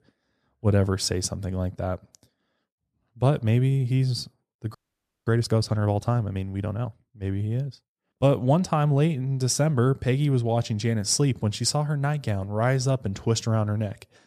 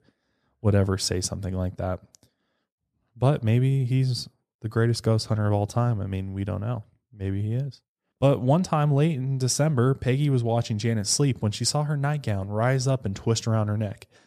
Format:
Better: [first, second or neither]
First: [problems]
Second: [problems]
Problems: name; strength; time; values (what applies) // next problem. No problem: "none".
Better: second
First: audio freezing; at 5 s for 0.5 s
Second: none